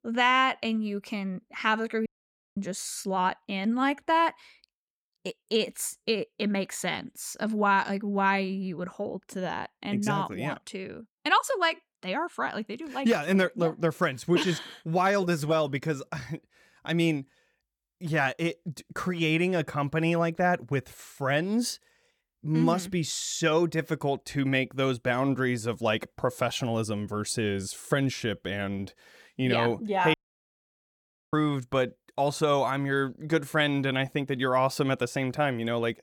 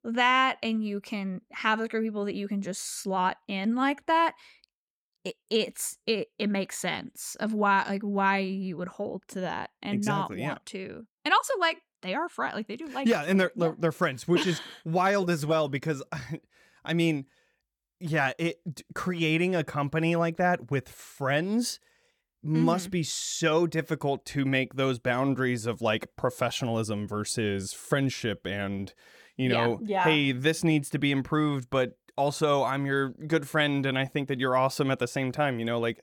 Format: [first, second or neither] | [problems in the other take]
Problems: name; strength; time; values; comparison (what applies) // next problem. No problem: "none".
second | audio cutting out; at 2 s for 0.5 s and at 30 s for 1 s